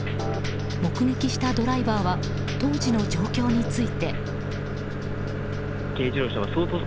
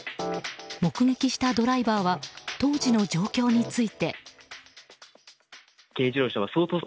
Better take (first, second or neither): second